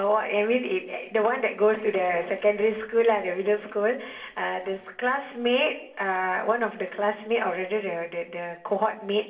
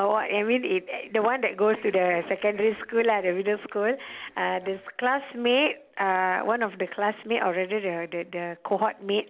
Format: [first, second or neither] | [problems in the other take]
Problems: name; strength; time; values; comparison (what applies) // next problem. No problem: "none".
second | room echo; dies away in 0.7 s